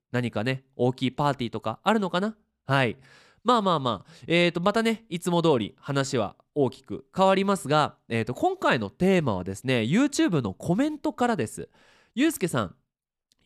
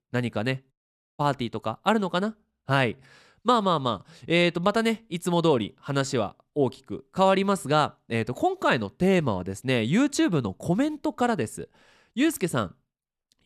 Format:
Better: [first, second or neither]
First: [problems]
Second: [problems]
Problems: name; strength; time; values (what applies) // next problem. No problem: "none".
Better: first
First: none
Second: audio cutting out; at 0.5 s